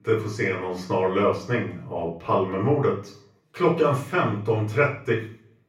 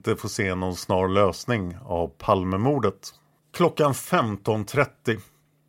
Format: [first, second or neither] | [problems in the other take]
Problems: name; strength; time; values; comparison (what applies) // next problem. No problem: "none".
second | room echo; noticeable; dies away in 0.5 s // off-mic speech; far